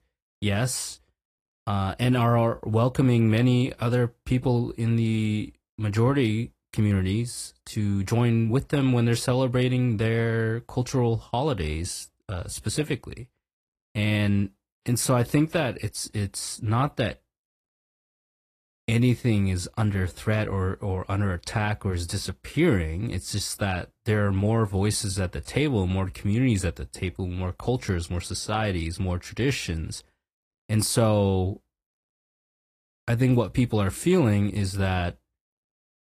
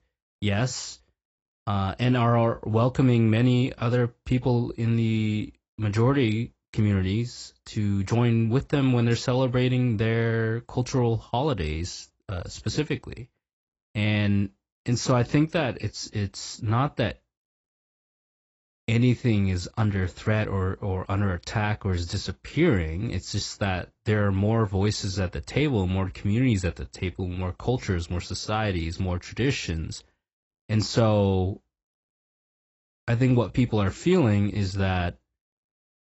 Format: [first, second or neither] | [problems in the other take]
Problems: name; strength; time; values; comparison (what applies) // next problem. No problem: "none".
first | garbled, watery; badly; nothing above 8 kHz; slightly in the first